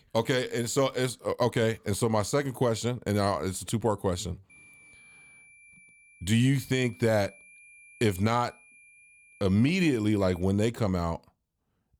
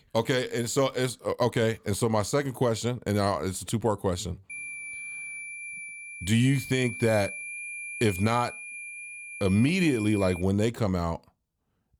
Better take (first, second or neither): first